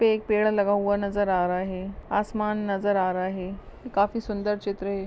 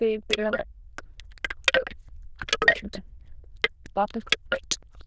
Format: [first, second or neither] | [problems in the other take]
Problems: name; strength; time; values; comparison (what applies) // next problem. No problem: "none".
first | noise reduction (neural diffusion model UNIVERSE++)